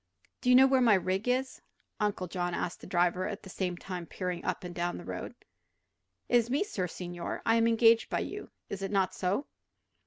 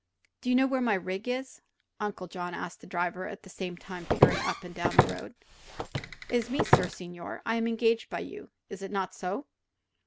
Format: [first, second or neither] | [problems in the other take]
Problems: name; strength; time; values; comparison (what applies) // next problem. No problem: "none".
first | background sound (Walk, footsteps); 4 dB above the speech